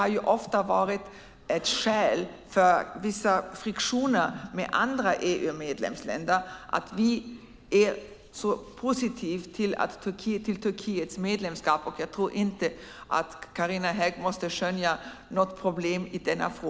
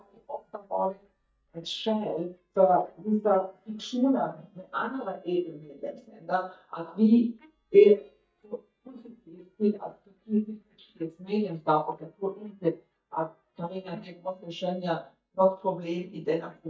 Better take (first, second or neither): first